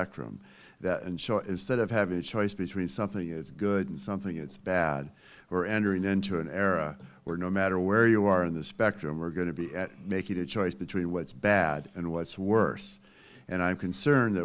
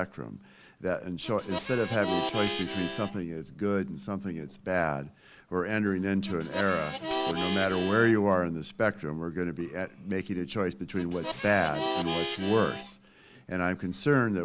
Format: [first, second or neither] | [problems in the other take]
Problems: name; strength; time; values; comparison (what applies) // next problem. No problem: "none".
first | background sound (Tambourine + Harmonica); 6 dB below the speech